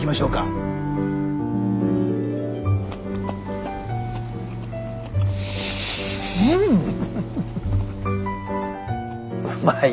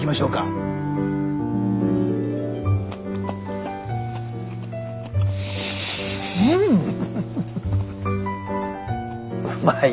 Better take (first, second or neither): second